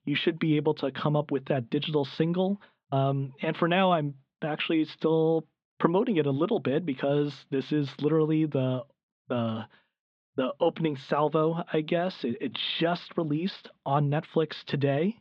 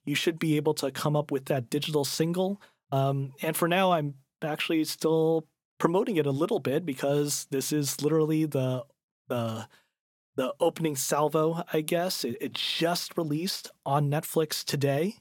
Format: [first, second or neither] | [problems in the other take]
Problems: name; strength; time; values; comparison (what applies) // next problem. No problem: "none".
second | muffled; very; fading above 3.5 kHz